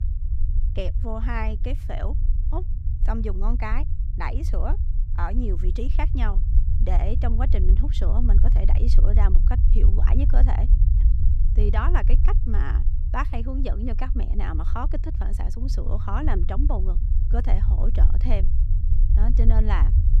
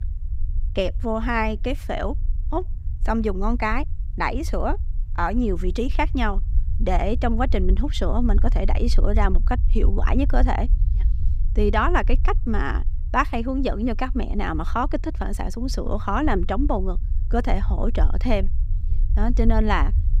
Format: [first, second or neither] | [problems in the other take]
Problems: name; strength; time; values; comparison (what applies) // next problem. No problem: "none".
second | low rumble; loud; throughout; 9 dB below the speech; faint in the second